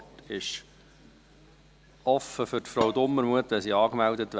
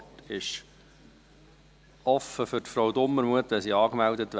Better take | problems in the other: second | background sound (Dishes, pots, and pans); 10 dB below the speech

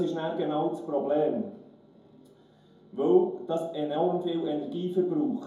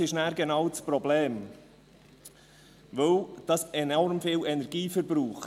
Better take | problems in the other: second | room echo; dies away in 2.6 s

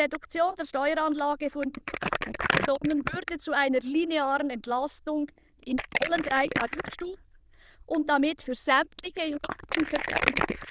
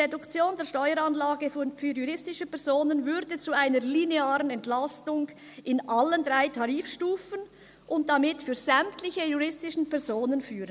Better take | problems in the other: second | noise reduction (neural diffusion model UNIVERSE++)

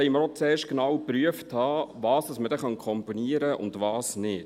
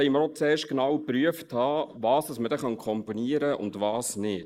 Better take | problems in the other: first | noise reduction (neural mask model Resemble Enhance denoiser)

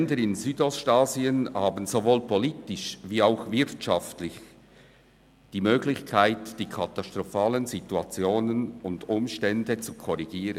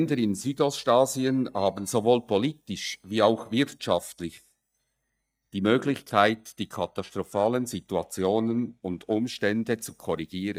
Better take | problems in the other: first | noise reduction (neural mask model DeepFilterNet 3)

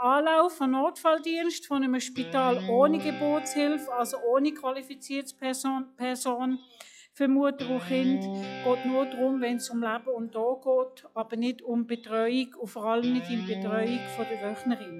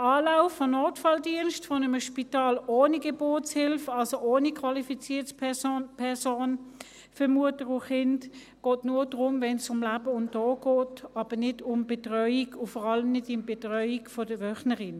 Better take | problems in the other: second | noise reduction (classical method log-MMSE)

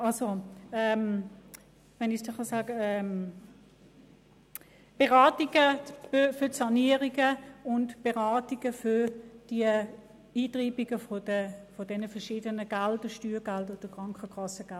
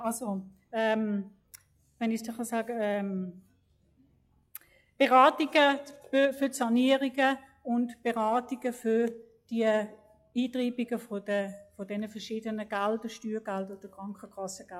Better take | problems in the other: first | noise reduction (classical method log-MMSE)

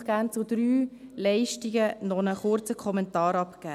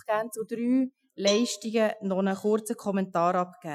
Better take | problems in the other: first | noise reduction (classical method Wiener filter)

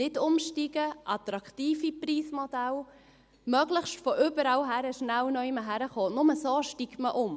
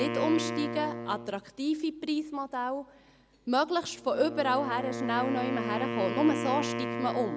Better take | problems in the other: first | background sound (Wind instrument, woodwind instrument); 5 dB below the speech

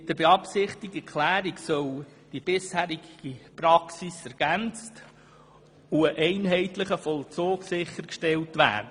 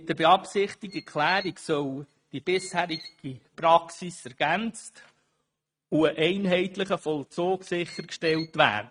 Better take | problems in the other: first | noise reduction (neural mask model RNNoise)

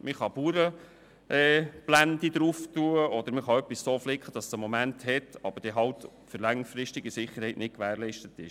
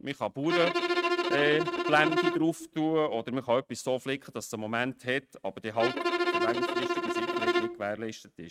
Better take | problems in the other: first | noise reduction (neural mask model RNNoise)

